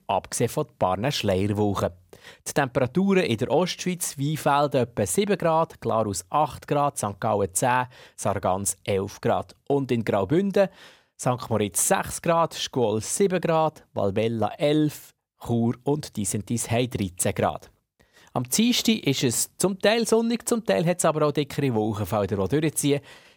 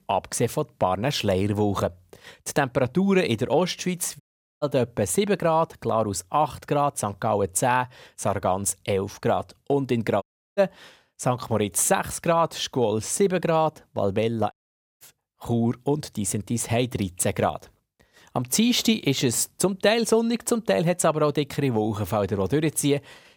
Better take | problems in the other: first | audio cutting out; at 4 s, at 10 s and at 15 s

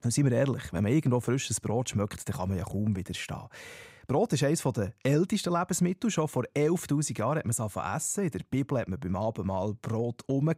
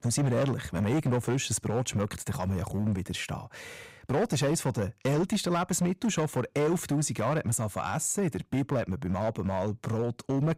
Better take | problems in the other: first | distortion; slight; 11% of the sound clipped

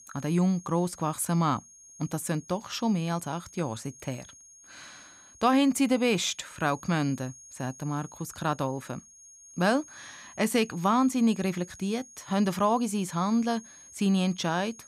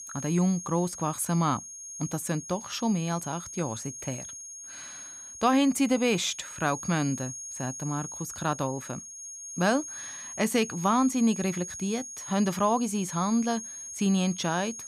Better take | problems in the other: first | high-pitched whine; loud; throughout; 6.5 kHz, 10 dB below the speech; faint in the first

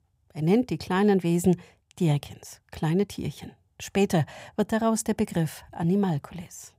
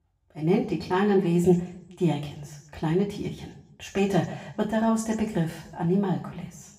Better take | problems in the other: first | room echo; slight; dies away in 0.7 s // off-mic speech; far

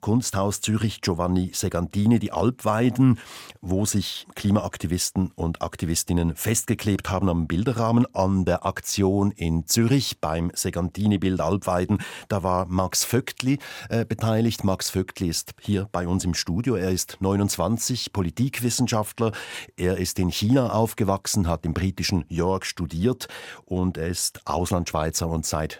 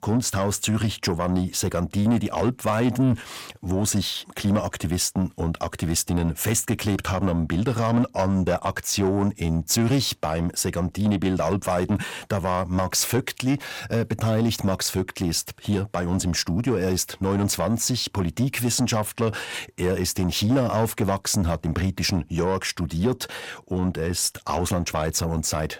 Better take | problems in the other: first | distortion; slight; 10 dB below the speech

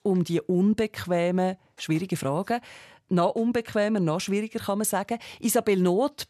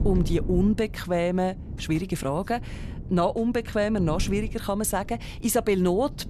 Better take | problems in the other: first | wind noise on the microphone; occasional gusts; 20 dB below the speech

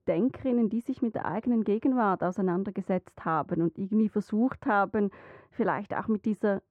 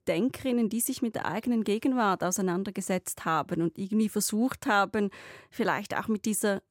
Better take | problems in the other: second | muffled; very; fading above 4 kHz

